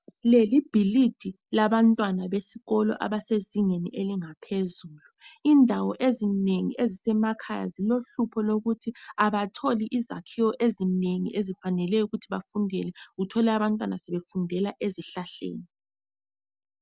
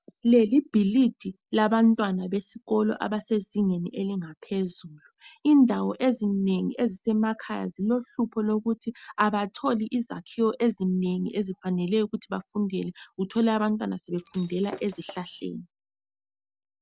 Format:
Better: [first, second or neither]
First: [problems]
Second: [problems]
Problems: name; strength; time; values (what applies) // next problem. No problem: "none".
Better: first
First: none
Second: background sound (Shatter); 18 dB below the speech